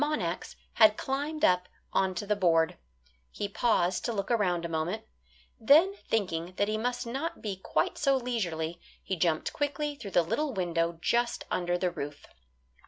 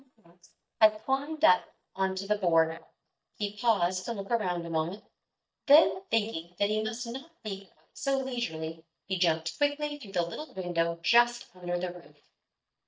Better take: first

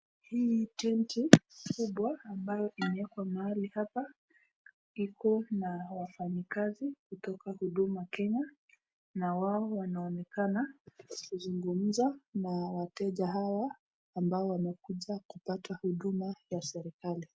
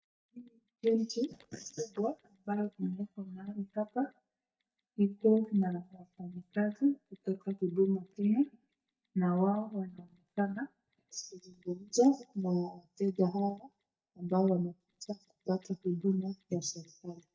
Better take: first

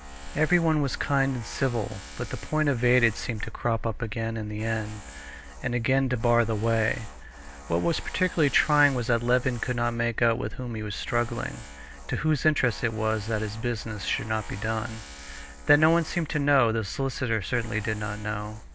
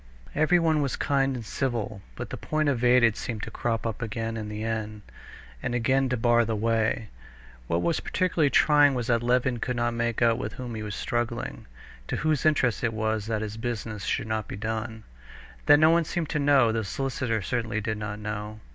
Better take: second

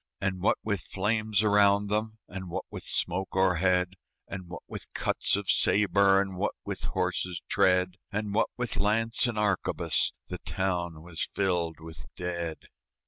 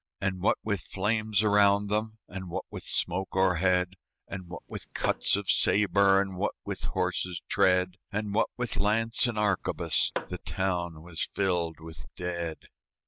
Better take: first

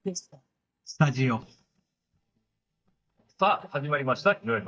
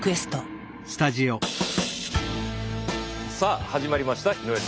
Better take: second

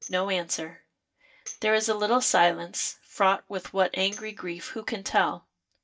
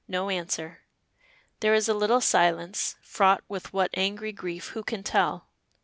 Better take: second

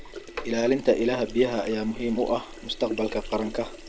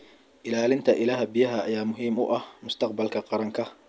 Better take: second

